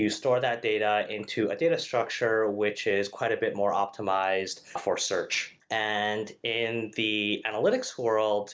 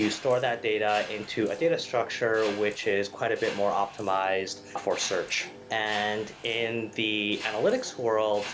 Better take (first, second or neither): first